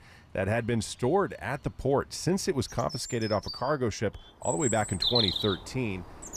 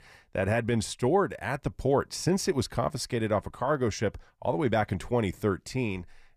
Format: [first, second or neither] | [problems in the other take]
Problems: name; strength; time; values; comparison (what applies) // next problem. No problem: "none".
second | animal sounds; loud; throughout; 1 dB below the speech